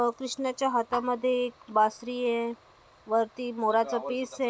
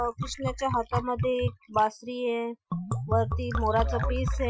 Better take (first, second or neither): first